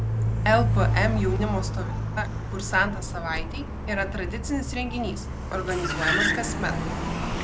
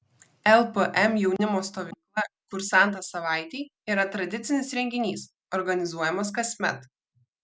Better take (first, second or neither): second